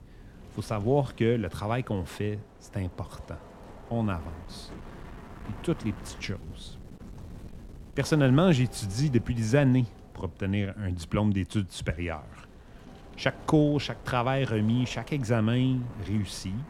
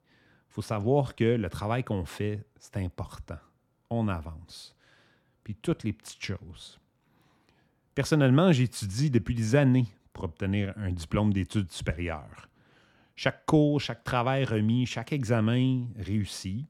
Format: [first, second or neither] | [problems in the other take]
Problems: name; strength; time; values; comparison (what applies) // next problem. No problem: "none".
second | wind noise on the microphone; occasional gusts; 20 dB below the speech